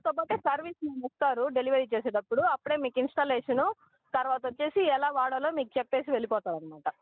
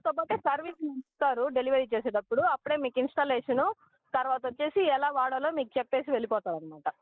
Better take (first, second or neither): first